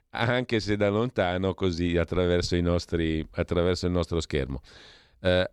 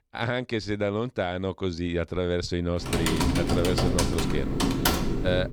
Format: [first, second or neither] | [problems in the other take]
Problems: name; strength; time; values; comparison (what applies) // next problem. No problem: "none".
first | keyboard typing; loud; from 3 s on; peak 5 dB above the speech